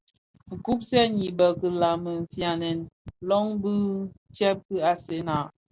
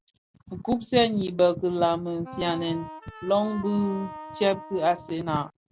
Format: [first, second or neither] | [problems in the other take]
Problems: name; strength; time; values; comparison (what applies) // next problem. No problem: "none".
first | background sound (Wind instrument, woodwind instrument); 15 dB below the speech